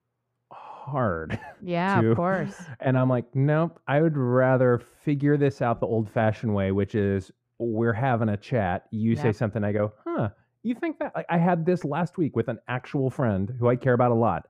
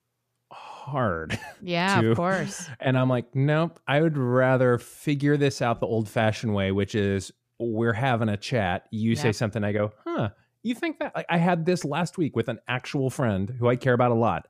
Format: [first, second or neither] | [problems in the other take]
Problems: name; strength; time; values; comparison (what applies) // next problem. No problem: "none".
second | muffled; slightly; fading above 2.5 kHz